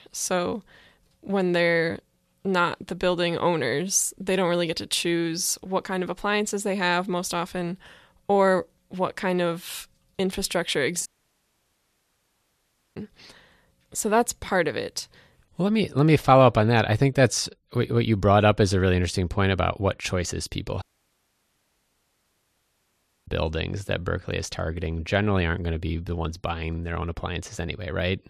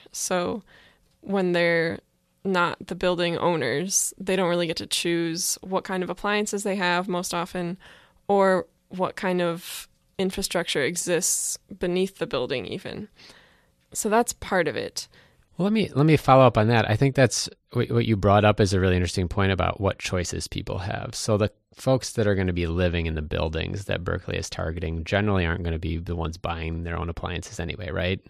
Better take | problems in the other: second | audio cutting out; at 11 s for 2 s and at 21 s for 2.5 s

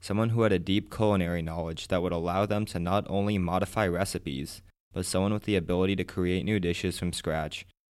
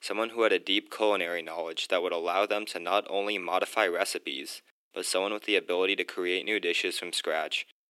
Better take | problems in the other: first | thin; very; fading below 300 Hz

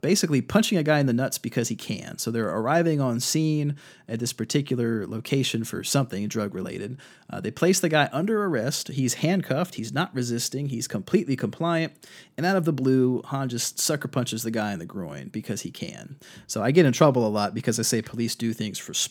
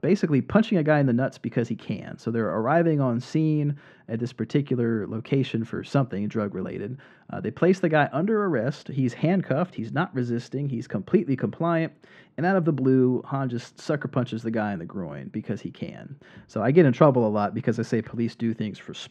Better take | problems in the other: first | muffled; very; fading above 2 kHz

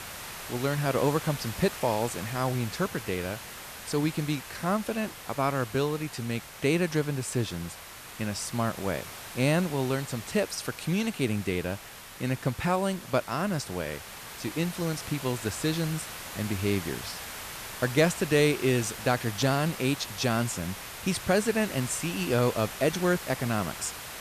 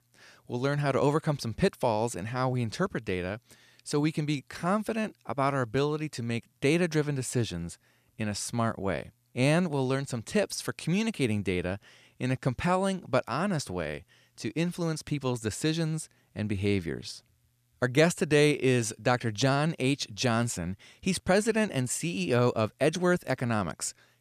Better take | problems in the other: second | hiss; noticeable; throughout; 10 dB below the speech

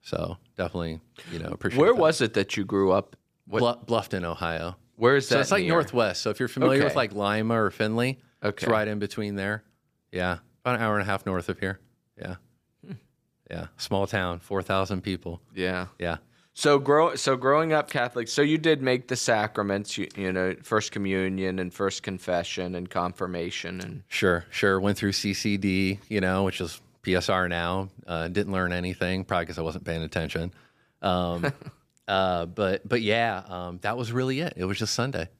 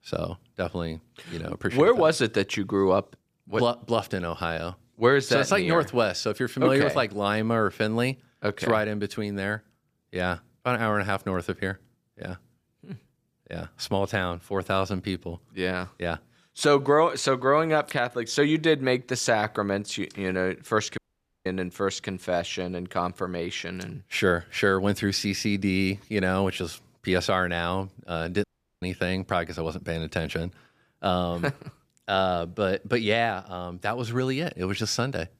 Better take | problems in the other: first | audio cutting out; at 21 s and at 28 s

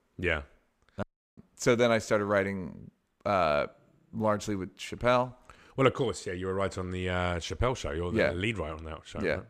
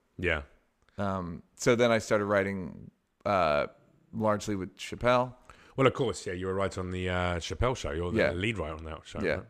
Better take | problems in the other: second | audio cutting out; at 1 s

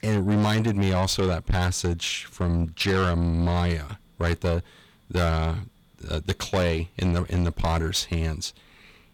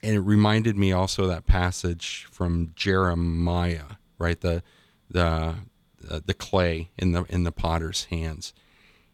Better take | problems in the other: second | distortion; heavy; 8 dB below the speech

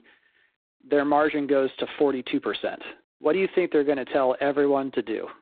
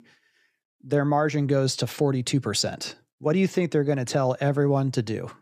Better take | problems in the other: second | phone-call audio; poor line; nothing above 3.5 kHz

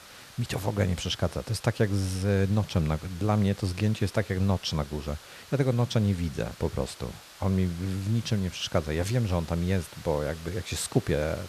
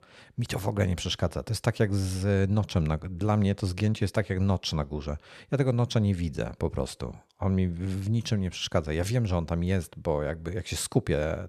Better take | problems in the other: second | hiss; noticeable; throughout; 20 dB below the speech

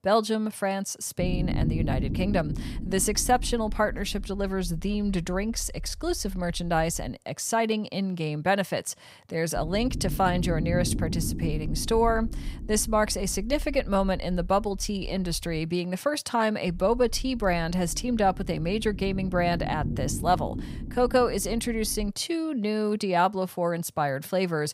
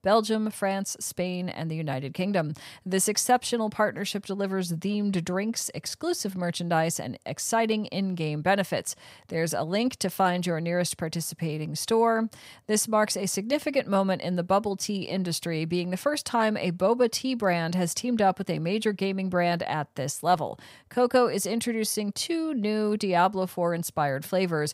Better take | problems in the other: second | low rumble; noticeable; from 1 to 7 s, from 9.5 to 16 s and from 17 to 22 s; 15 dB below the speech

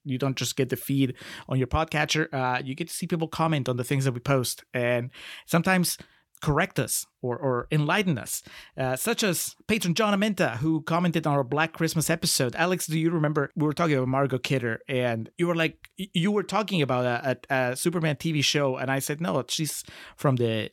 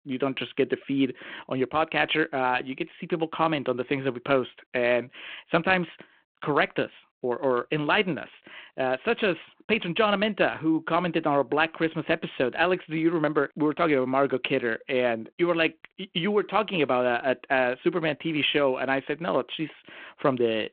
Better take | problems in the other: first | phone-call audio

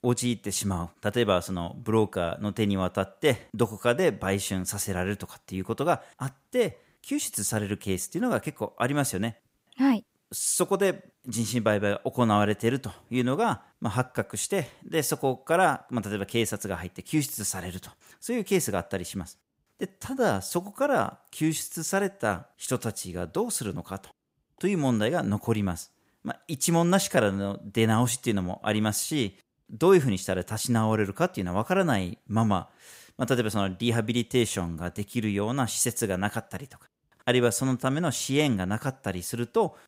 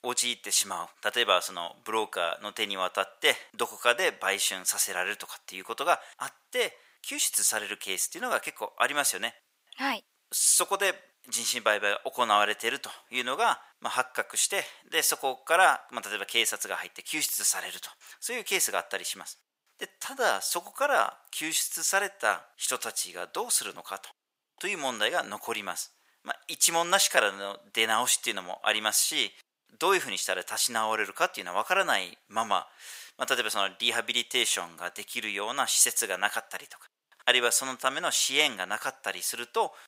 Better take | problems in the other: first | thin; very; fading below 850 Hz

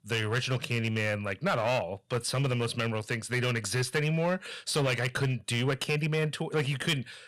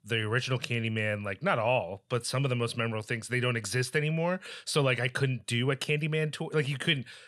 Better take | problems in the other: second | distortion; slight; 9% of the sound clipped

